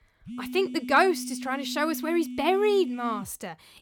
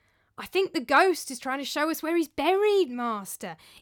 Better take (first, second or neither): second